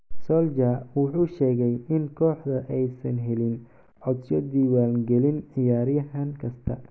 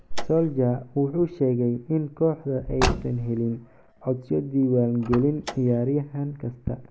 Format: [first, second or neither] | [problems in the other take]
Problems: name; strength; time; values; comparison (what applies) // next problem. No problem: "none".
first | background sound (Car); 11 dB below the speech